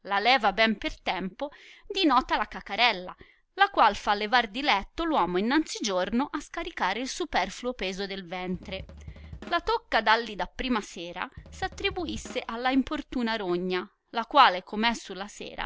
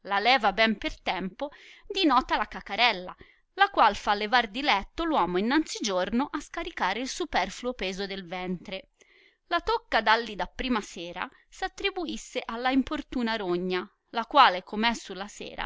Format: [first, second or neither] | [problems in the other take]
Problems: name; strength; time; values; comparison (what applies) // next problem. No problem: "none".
second | background sound (Drum kit); 19 dB below the speech